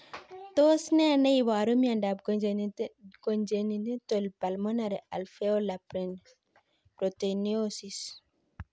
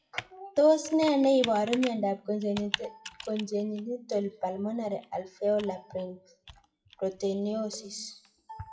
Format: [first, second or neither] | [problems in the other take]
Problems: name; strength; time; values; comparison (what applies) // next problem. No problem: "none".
first | noise reduction (classical method WPE with log-MMSE)